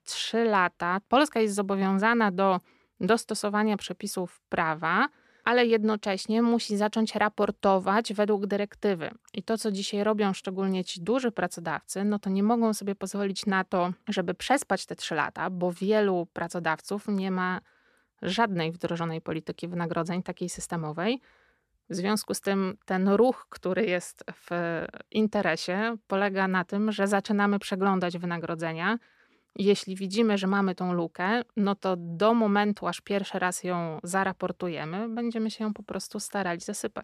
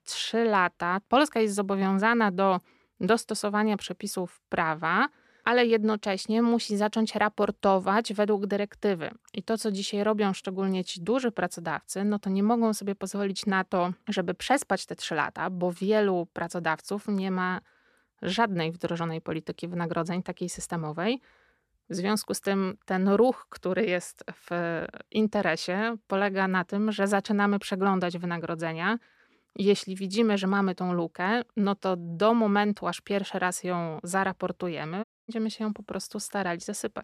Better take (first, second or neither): first